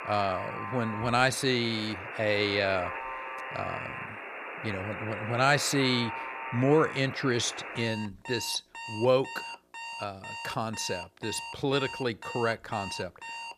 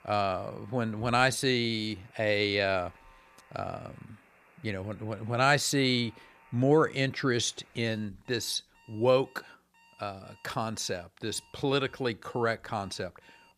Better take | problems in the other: second | alarms or sirens; loud; throughout; 9 dB below the speech; faint in the second

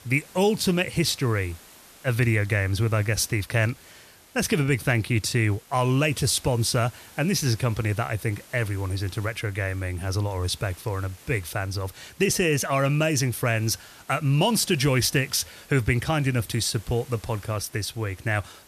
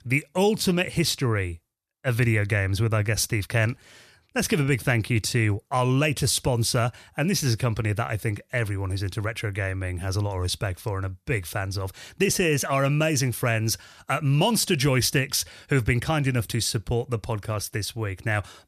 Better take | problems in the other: second | hiss; faint; throughout; 25 dB below the speech

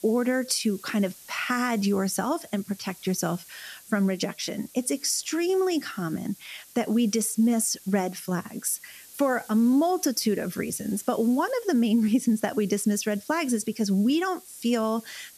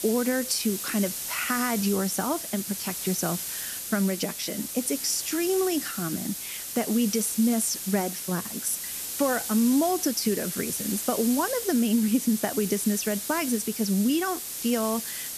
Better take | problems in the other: first | hiss; loud; throughout; 5 dB below the speech; faint in the first

